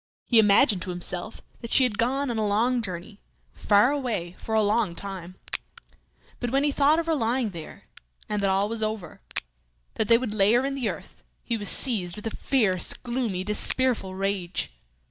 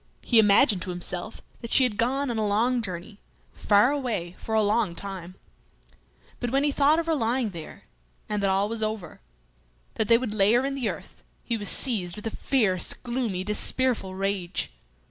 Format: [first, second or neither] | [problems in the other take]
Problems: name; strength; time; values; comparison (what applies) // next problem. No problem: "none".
second | noise reduction (neural mask model DeepFilterNet 3)